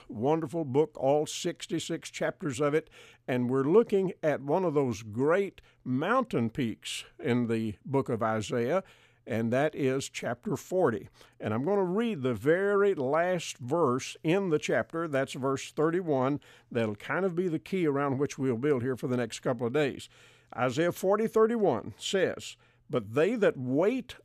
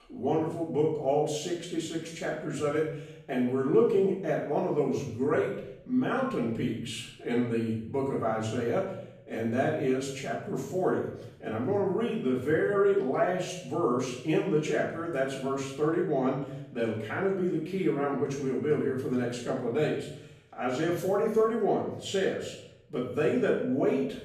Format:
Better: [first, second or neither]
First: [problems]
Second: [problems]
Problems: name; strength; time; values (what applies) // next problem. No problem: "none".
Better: first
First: none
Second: off-mic speech; far // room echo; noticeable; dies away in 0.7 s